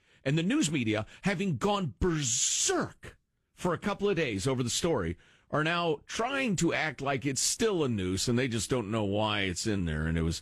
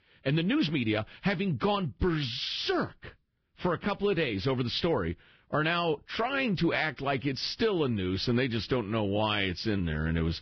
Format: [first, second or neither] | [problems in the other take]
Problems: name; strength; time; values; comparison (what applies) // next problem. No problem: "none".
first | garbled, watery; badly; nothing above 5.5 kHz; slightly in the first